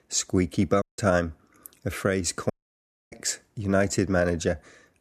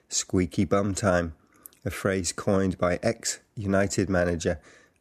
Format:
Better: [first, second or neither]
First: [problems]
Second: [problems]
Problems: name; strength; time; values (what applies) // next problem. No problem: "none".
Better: second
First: audio cutting out; at 1 s and at 2.5 s for 0.5 s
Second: none